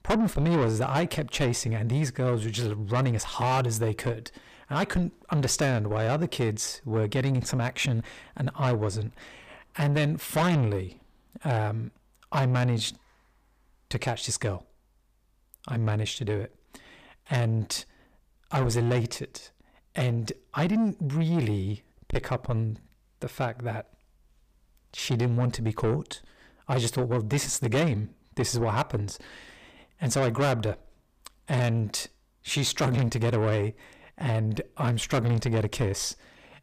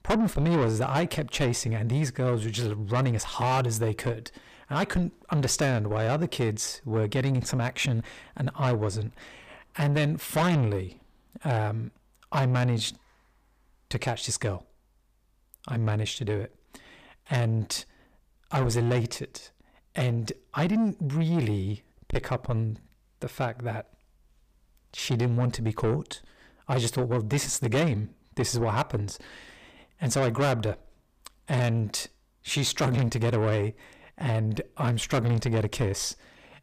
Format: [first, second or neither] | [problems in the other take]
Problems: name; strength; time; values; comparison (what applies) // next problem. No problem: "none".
neither | distortion; heavy; 7 dB below the speech; the same in both